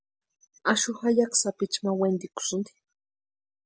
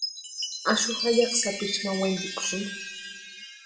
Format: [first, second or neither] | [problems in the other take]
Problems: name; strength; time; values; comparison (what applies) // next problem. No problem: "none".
first | background sound (Chime); 6 dB below the speech // room echo; dies away in 1.1 s